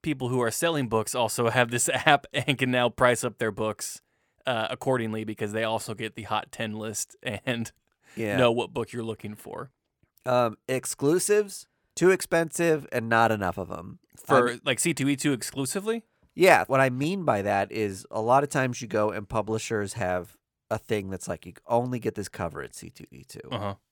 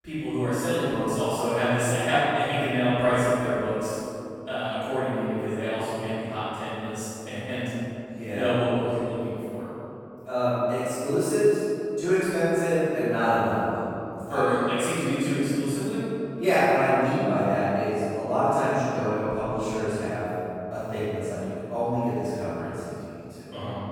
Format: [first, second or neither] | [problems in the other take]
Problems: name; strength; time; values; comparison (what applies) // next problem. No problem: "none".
first | off-mic speech; far // room echo; strong; dies away in 2.8 s